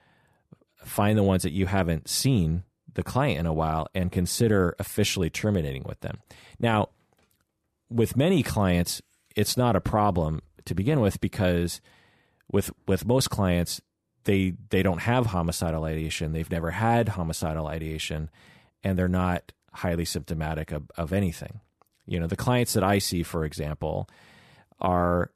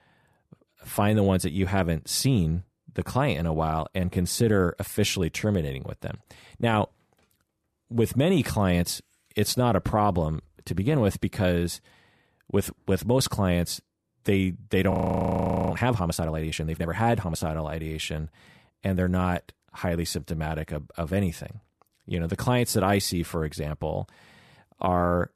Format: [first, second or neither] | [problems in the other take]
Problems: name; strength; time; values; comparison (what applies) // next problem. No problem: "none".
first | audio freezing; at 15 s for 1 s